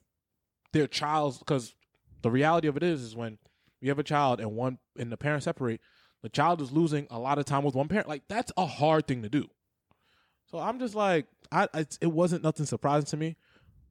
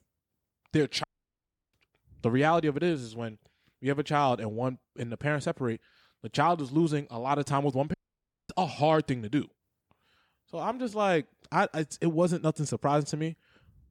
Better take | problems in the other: first | audio cutting out; at 1 s for 0.5 s and at 8 s for 0.5 s

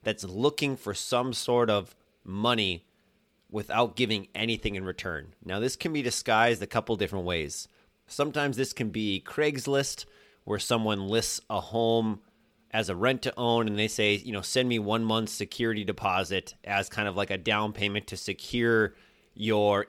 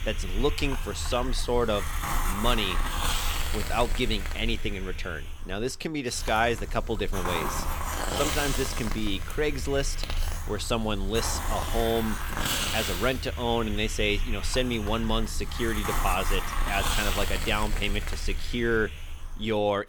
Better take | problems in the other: first | hiss; loud; throughout; 3 dB below the speech

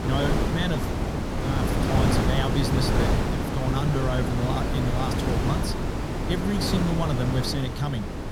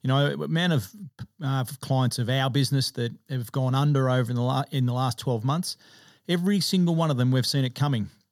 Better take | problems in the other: second | wind noise on the microphone; heavy; 2 dB above the speech

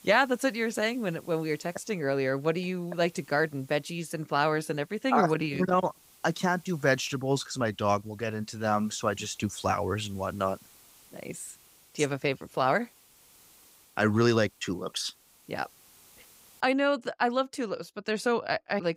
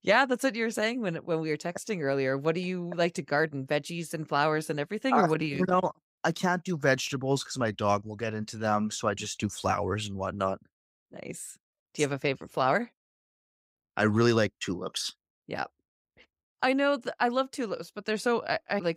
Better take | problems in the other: second | hiss; faint; until 17 s; 25 dB below the speech

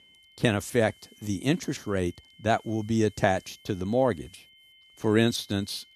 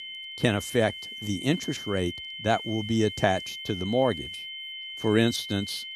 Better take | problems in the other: first | high-pitched whine; loud; throughout; 3 kHz, 8 dB below the speech; faint in the first

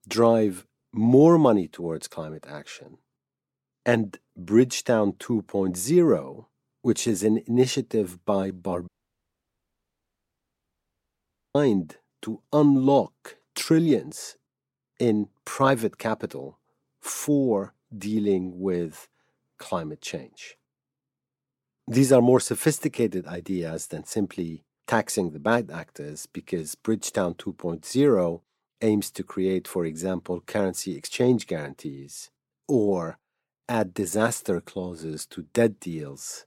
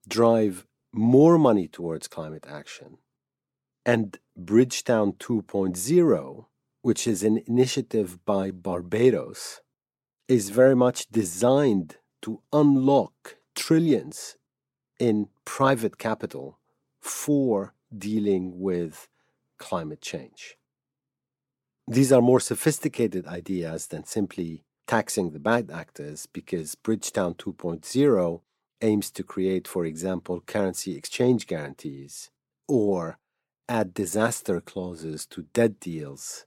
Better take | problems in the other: second | audio cutting out; at 9 s for 2.5 s

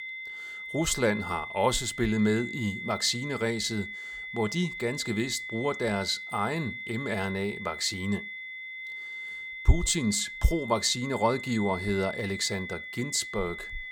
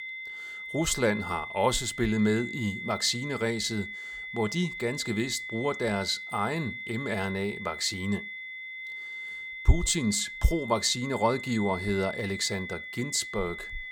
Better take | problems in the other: neither | high-pitched whine; loud; throughout; 2 kHz, 8 dB below the speech; the same in both

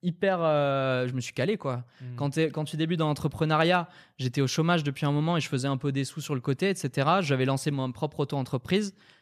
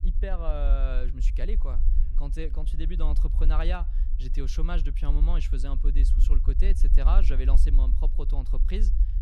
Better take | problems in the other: first | low rumble; noticeable; throughout; 10 dB below the speech

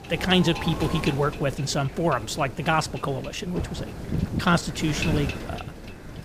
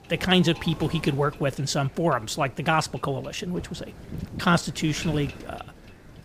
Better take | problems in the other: second | wind noise on the microphone; heavy; 9 dB below the speech; occasional gusts in the second

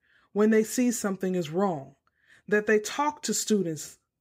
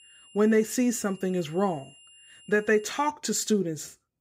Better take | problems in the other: first | high-pitched whine; faint; until 3 s; 3 kHz, 25 dB below the speech

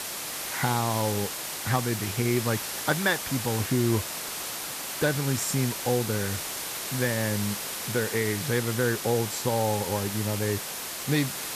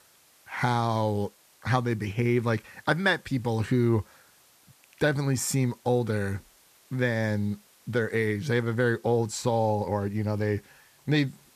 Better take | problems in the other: second | hiss; loud; throughout; 3 dB below the speech; faint in the second

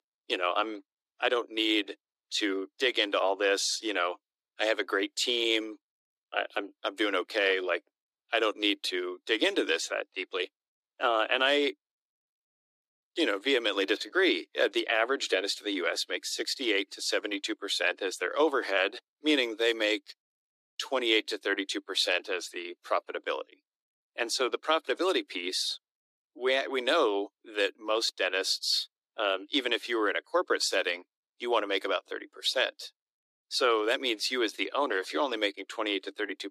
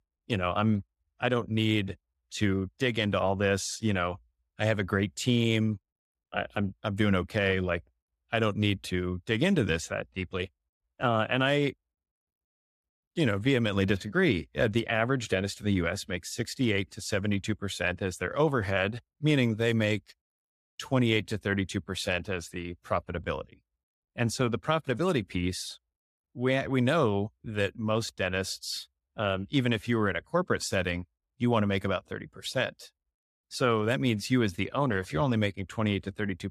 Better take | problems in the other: second | thin; very; fading below 300 Hz

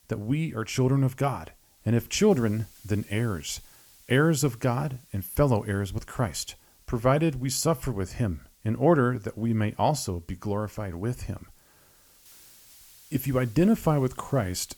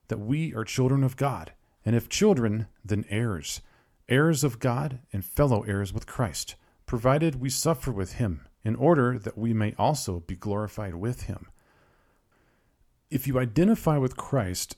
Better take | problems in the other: second | hiss; faint; throughout; 25 dB below the speech

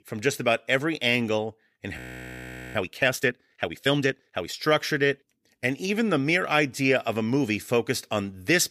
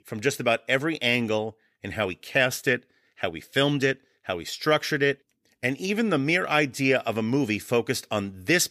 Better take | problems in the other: second | audio freezing; at 2 s for 1 s

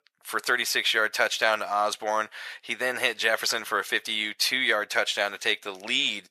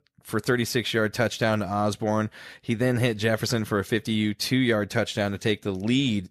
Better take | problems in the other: second | thin; very; fading below 850 Hz

